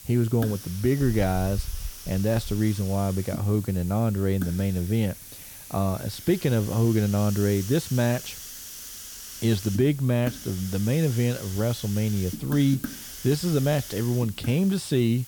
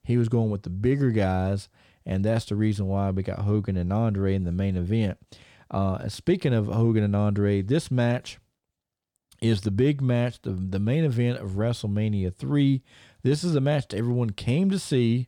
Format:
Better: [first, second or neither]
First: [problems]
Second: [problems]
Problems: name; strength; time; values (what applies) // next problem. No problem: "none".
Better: second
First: hiss; noticeable; throughout; 10 dB below the speech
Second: none